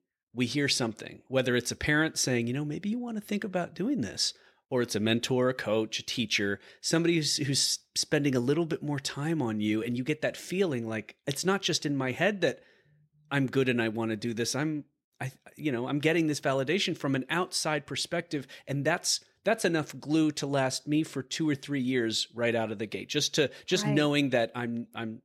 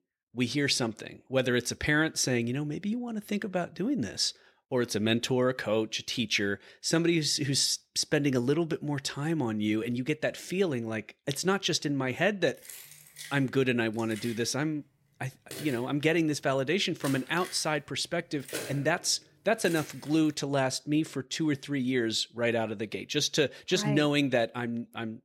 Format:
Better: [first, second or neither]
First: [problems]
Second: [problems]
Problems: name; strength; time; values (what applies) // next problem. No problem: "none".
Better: first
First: none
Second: jangling keys; noticeable; from 13 to 20 s; peak 8 dB below the speech